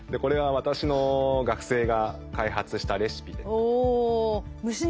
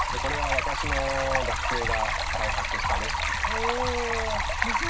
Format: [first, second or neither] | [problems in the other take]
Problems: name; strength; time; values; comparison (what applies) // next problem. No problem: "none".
first | background sound (Stream); 4 dB above the speech // room echo; dies away in 0.4 s